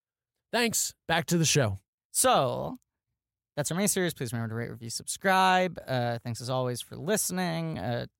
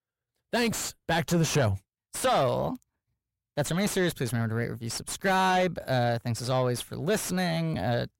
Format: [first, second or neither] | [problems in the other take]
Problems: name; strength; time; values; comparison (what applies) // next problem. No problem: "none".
first | distortion; heavy; 6 dB below the speech